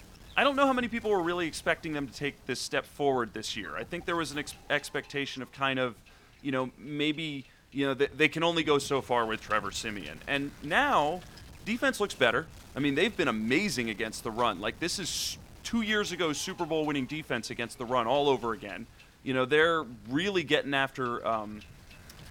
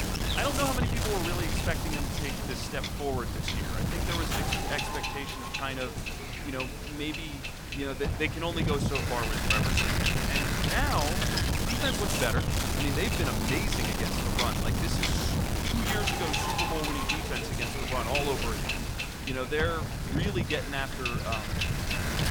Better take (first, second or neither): first